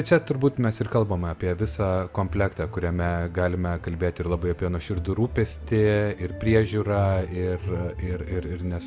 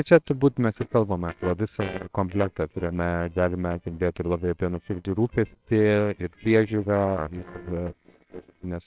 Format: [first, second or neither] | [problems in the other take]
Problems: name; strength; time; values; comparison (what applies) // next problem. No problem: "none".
first | noise reduction (neural separator model SepFormer WHAMR!)